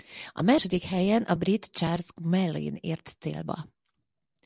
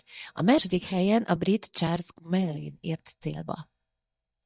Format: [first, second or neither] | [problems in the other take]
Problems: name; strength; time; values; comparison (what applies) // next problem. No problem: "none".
first | noise reduction (neural mask model DeepFilterNet 3)